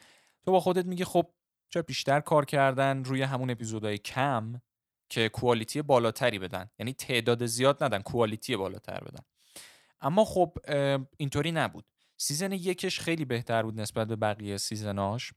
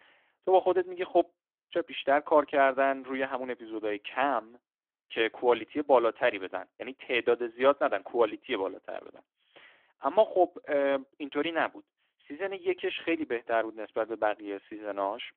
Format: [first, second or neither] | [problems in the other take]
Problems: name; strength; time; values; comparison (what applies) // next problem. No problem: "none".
first | phone-call audio; nothing above 3.5 kHz